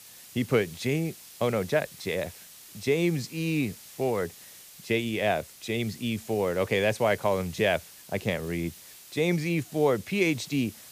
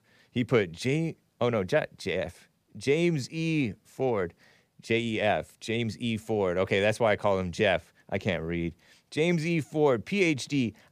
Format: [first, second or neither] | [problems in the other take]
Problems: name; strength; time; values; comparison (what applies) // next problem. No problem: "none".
second | hiss; noticeable; throughout; 20 dB below the speech